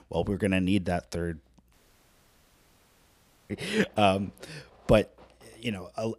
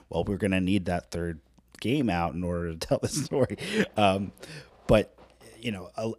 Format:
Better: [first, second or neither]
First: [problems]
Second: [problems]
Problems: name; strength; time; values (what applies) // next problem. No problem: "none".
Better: second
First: audio cutting out; at 1.5 s for 2 s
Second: none